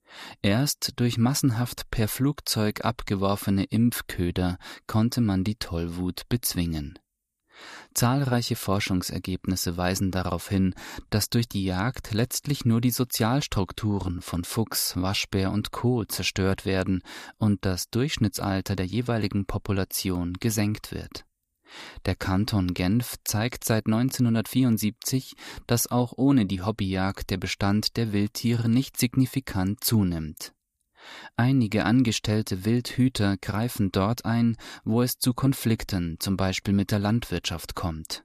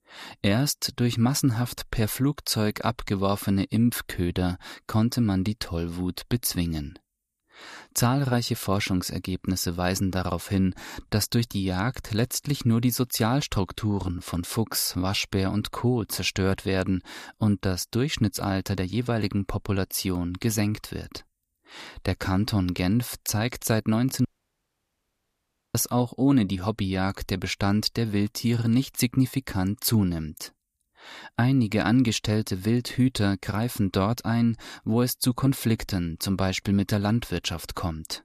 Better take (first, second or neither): first